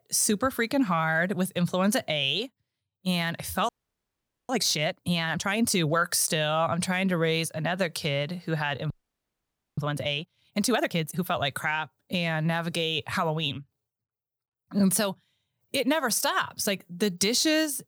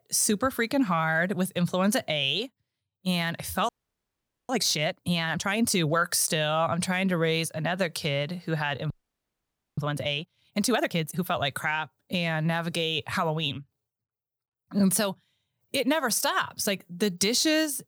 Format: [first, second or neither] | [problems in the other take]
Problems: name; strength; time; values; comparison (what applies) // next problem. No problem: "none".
neither | audio freezing; at 3.5 s for 1 s and at 9 s for 1 s; the same in both